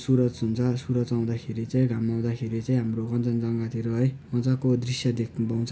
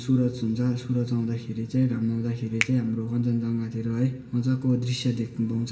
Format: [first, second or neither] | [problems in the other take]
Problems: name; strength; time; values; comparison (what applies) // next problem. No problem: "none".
first | background sound (Finger snapping); 13 dB below the speech // room echo; dies away in 1.1 s